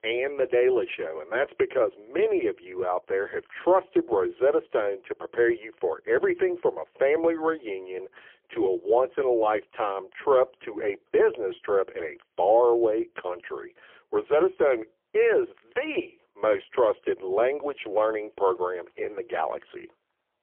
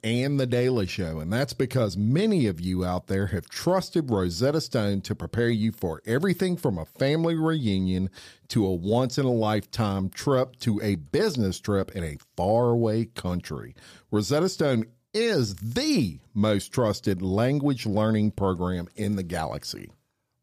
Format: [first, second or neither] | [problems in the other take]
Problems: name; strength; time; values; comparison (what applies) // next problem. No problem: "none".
second | phone-call audio; poor line; nothing above 3.5 kHz